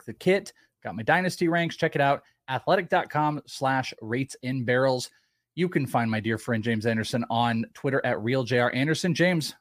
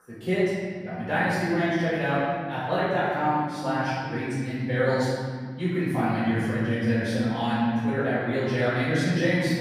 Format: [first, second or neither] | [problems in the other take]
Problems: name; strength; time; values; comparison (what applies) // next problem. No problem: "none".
first | room echo; strong; dies away in 2.3 s // off-mic speech; far